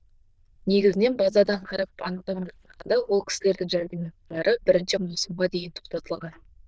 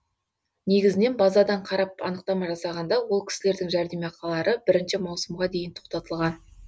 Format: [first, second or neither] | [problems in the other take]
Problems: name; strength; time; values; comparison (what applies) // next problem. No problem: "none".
second | noise reduction (neural diffusion model UNIVERSE++)